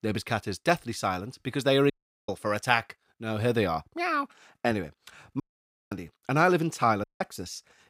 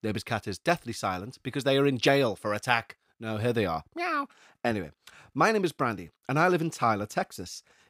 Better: second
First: audio cutting out; at 2 s, at 5.5 s for 0.5 s and at 7 s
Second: none

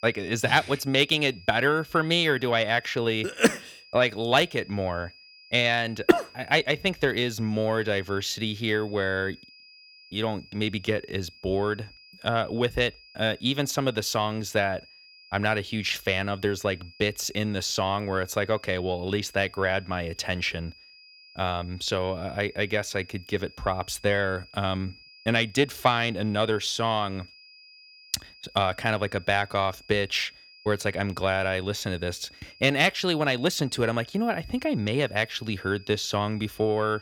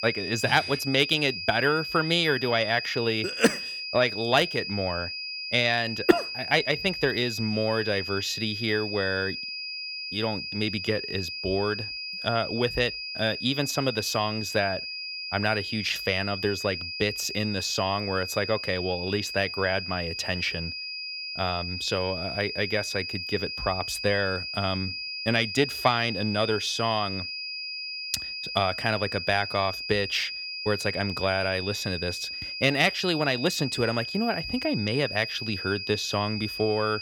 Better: first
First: high-pitched whine; faint; throughout; 5 kHz, 25 dB below the speech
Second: high-pitched whine; loud; throughout; 5 kHz, 5 dB below the speech

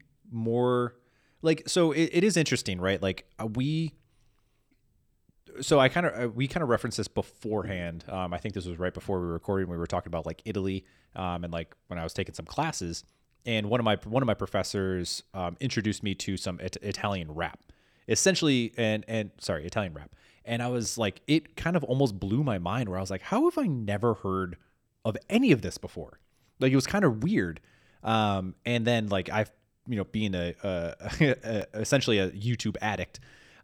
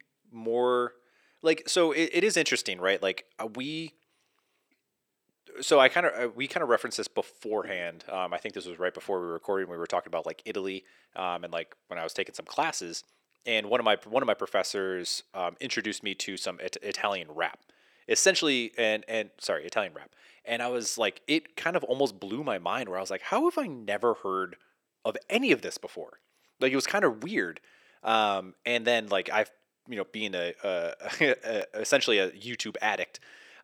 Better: first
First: none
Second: thin; somewhat; fading below 450 Hz

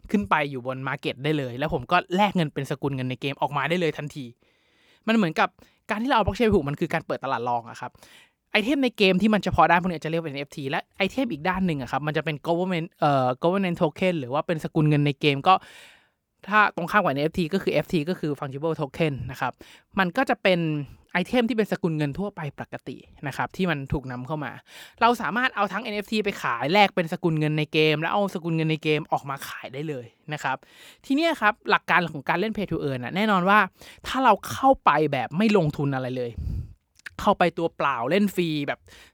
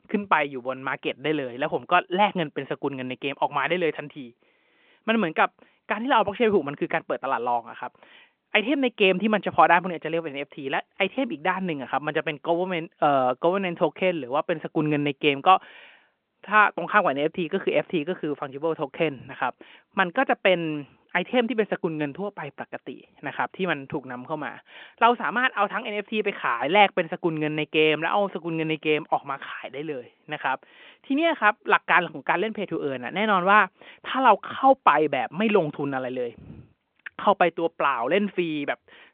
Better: first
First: none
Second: phone-call audio; nothing above 3.5 kHz

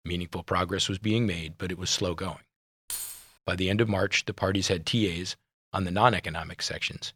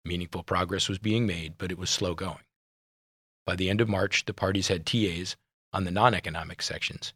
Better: second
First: jangling keys; noticeable; at 3 s; peak 6 dB below the speech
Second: none

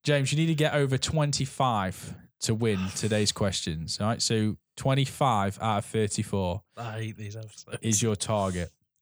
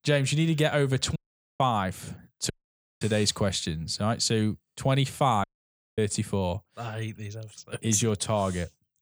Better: first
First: none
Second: audio cutting out; at 1 s, at 2.5 s for 0.5 s and at 5.5 s for 0.5 s

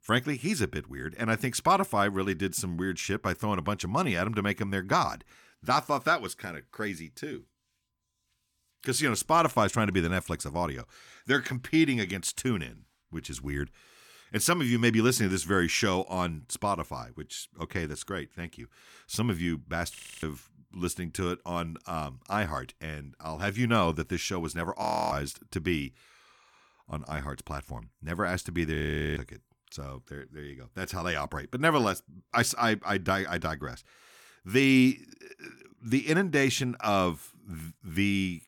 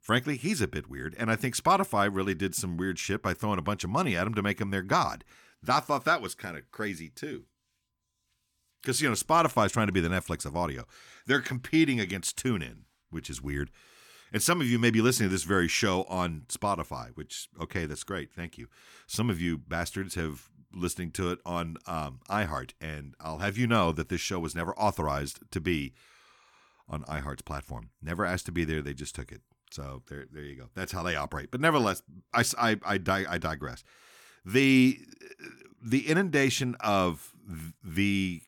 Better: second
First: audio freezing; at 20 s, at 25 s and at 29 s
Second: none

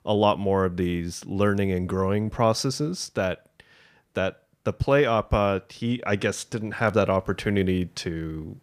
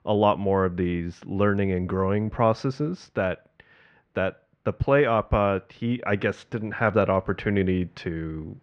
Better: first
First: none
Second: muffled; very; fading above 2 kHz

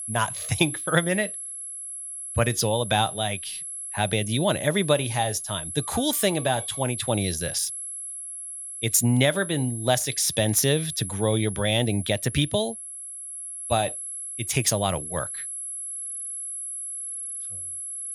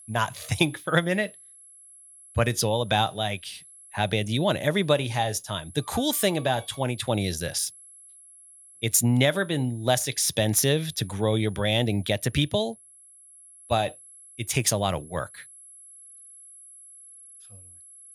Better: second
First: high-pitched whine; loud; throughout; 11 kHz, 7 dB below the speech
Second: high-pitched whine; faint; throughout; 11 kHz, 20 dB below the speech

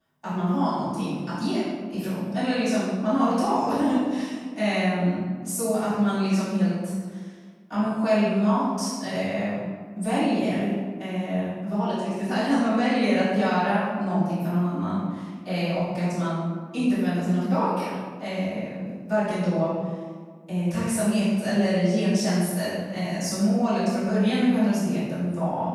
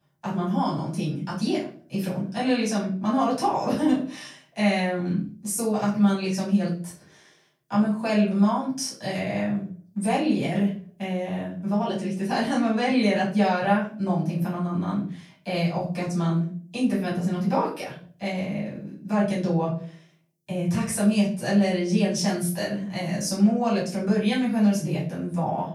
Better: second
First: room echo; strong; dies away in 1.4 s // off-mic speech; far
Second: room echo; slight; dies away in 0.4 s // off-mic speech; far

